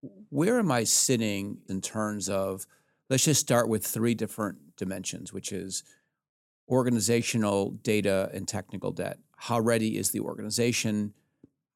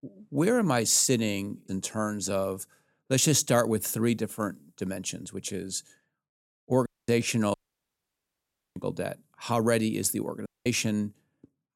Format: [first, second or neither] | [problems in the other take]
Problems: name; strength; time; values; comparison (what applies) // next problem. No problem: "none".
first | audio cutting out; at 7 s, at 7.5 s for 1 s and at 10 s